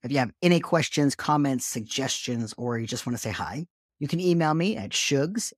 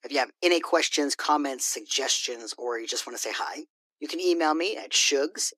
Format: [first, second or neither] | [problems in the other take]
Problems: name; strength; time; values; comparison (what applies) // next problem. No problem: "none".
first | thin; somewhat; fading below 300 Hz